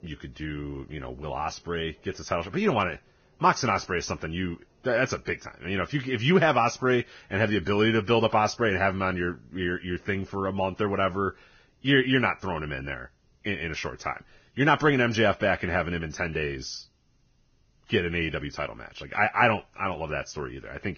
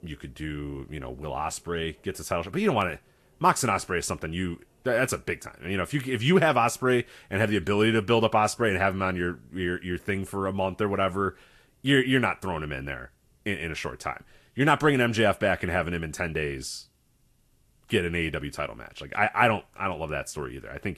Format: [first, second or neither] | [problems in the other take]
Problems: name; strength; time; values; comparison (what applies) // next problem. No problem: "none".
second | garbled, watery; badly; nothing above 6.5 kHz; slightly in the second